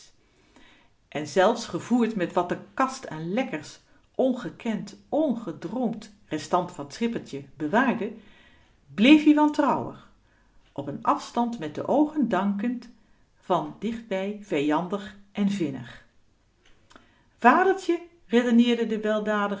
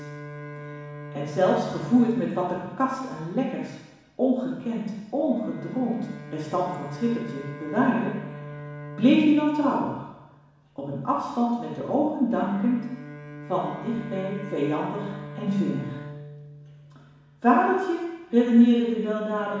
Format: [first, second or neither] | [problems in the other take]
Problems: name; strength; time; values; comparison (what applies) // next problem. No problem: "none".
first | background sound (Bowed string instrument); 15 dB below the speech // room echo; dies away in 1.1 s